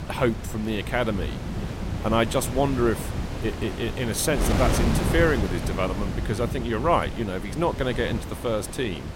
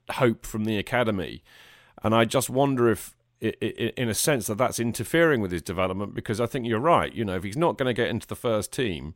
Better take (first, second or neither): second